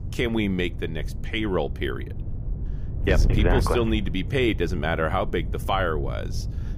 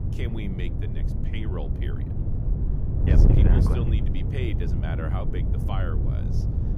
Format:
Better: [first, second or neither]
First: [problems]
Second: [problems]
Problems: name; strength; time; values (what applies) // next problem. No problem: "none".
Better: first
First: wind noise on the microphone; occasional gusts; 15 dB below the speech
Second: wind noise on the microphone; heavy; 1 dB above the speech